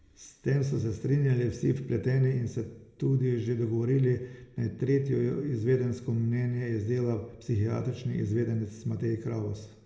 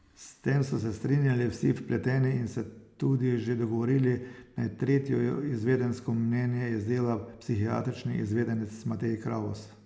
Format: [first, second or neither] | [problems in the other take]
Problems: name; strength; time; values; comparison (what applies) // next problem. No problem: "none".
second | room echo; dies away in 0.8 s